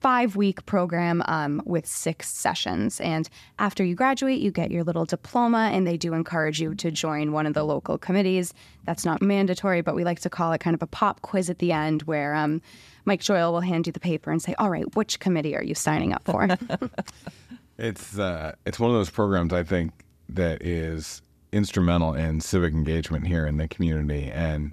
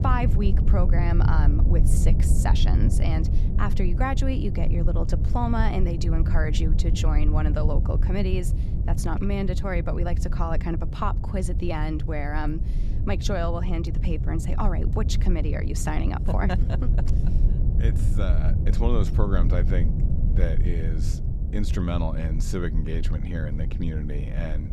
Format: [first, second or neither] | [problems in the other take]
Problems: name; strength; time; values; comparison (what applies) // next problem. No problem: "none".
first | low rumble; loud; throughout; 7 dB below the speech